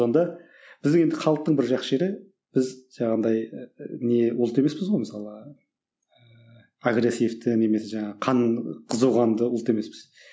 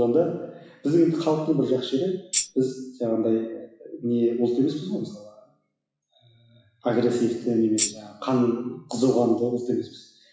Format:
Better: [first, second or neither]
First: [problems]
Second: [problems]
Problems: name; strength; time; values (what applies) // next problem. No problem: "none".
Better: first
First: none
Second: noise reduction (classical method WPE with log-MMSE)